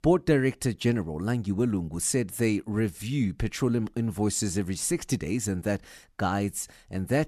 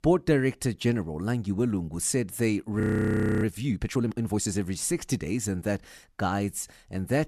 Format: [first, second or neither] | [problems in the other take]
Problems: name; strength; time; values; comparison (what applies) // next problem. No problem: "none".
first | audio freezing; at 3 s for 0.5 s